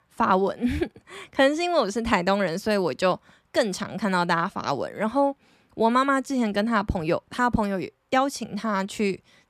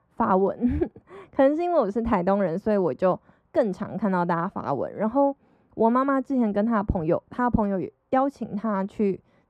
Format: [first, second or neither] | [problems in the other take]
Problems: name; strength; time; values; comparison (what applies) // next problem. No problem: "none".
first | muffled; very; fading above 2 kHz